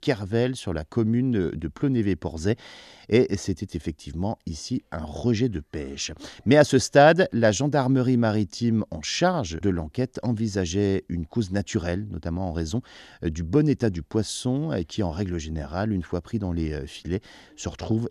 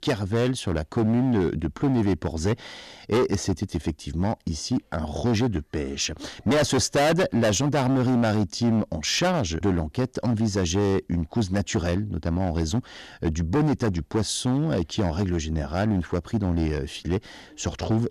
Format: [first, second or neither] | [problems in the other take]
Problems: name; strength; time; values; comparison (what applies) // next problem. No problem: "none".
first | distortion; heavy; 12% of the sound clipped